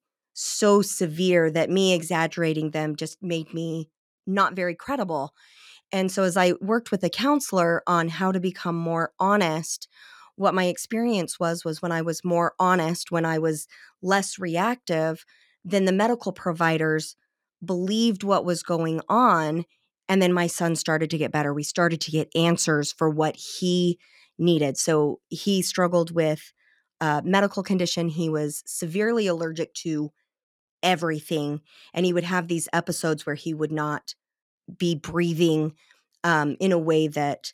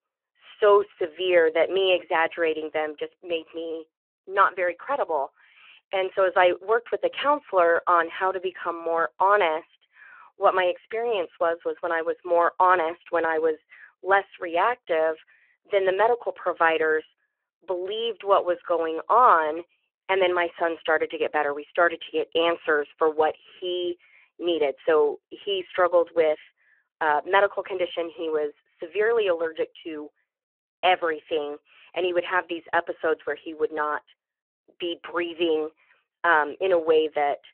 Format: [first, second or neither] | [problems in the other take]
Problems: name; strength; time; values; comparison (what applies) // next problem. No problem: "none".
first | phone-call audio